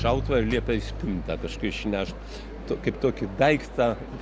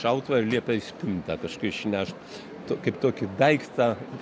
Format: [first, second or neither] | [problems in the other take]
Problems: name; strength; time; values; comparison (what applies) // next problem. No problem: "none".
second | background sound (Bass guitar); 8 dB below the speech